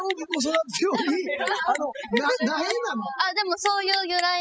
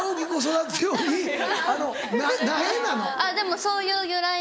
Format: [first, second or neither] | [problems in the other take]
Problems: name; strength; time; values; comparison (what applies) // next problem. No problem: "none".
second | noise reduction (classical method spectral subtraction)